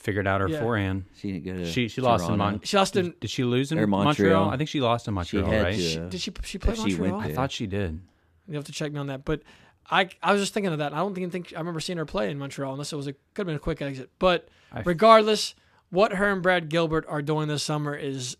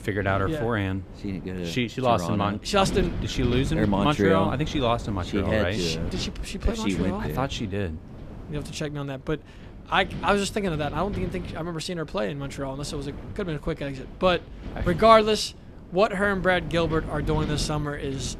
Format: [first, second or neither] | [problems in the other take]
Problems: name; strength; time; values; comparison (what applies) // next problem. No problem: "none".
first | wind noise on the microphone; occasional gusts; 15 dB below the speech